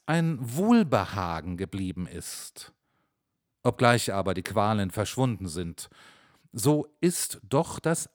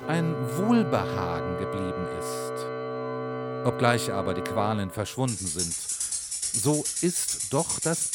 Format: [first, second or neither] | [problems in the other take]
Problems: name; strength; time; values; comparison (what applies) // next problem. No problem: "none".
first | background music; loud; throughout; 1 dB below the speech